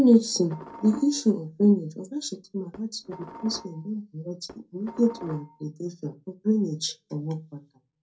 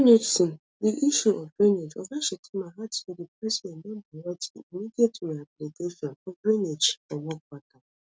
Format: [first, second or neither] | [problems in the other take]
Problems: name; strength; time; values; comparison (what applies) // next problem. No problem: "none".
second | background sound (Dishes, pots, and pans); 18 dB below the speech // room echo; dies away in 0.2 s